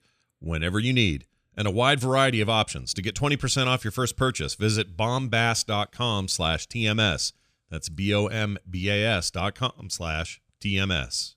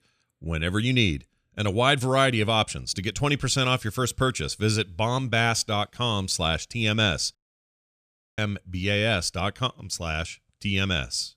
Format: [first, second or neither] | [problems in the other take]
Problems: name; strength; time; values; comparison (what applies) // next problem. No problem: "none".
first | audio cutting out; at 7.5 s for 1 s